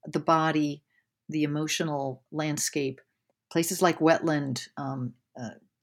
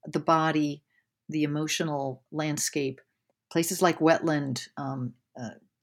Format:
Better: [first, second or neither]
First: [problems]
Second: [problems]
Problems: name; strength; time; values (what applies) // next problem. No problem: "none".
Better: neither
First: none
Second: none